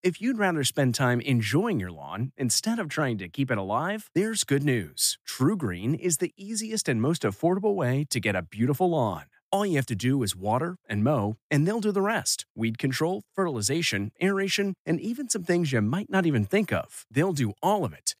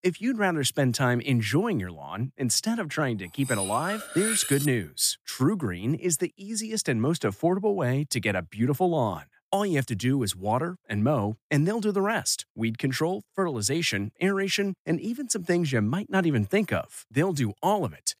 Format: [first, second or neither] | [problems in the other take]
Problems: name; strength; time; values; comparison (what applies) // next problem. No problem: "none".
first | clattering dishes; loud; from 3.5 to 4.5 s; peak level with the speech